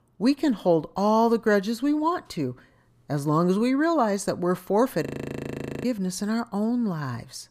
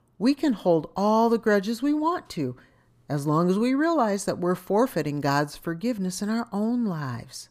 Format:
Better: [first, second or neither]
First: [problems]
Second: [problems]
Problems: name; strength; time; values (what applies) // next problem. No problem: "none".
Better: second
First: audio freezing; at 5 s for 1 s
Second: none